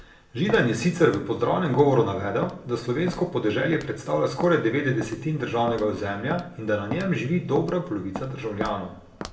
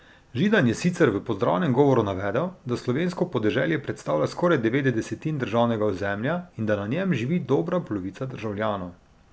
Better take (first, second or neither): second